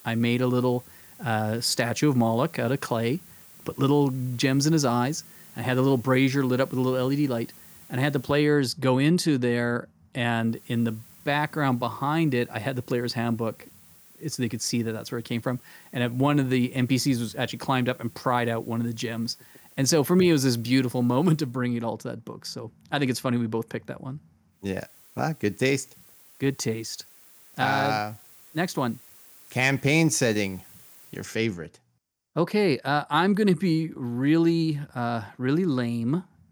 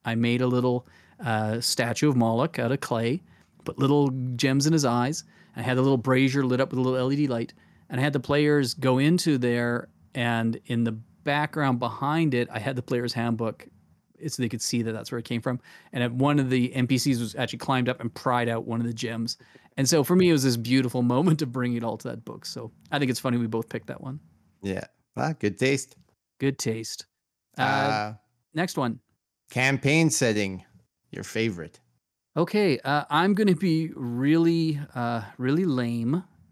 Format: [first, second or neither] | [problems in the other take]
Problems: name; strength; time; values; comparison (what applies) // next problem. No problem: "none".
second | hiss; faint; until 8.5 s, from 10 to 22 s and from 25 to 31 s; 25 dB below the speech